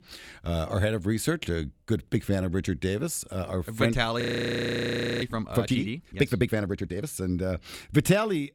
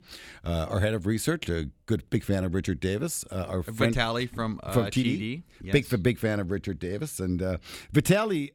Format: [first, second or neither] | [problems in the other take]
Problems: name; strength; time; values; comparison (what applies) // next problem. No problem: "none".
second | audio freezing; at 4 s for 1 s